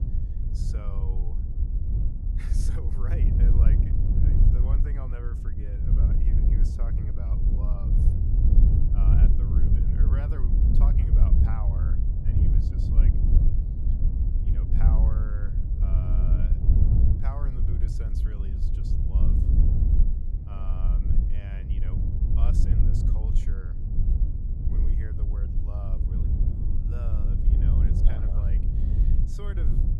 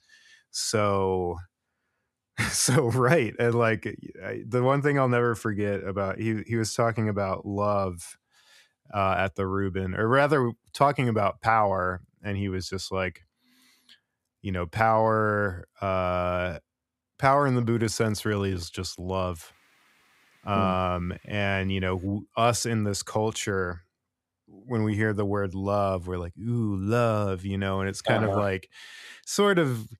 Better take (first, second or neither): second